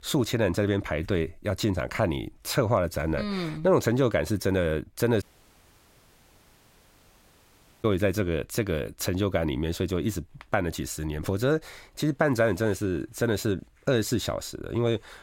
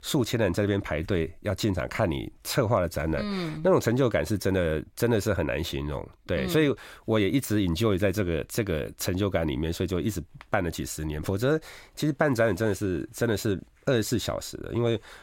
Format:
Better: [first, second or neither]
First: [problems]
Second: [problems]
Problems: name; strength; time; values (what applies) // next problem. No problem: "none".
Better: second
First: audio cutting out; at 5 s for 2.5 s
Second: none